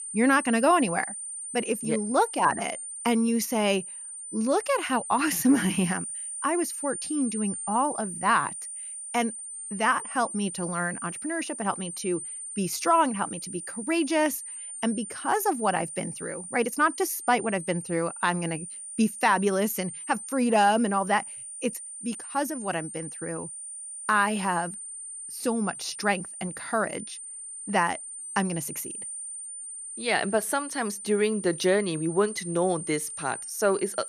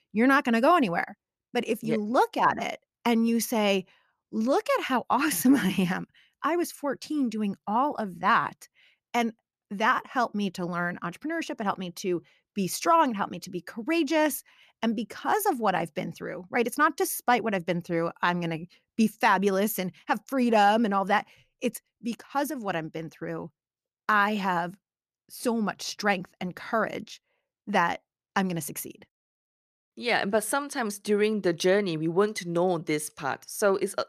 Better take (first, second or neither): second